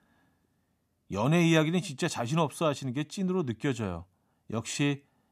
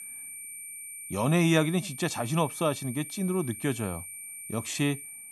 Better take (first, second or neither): first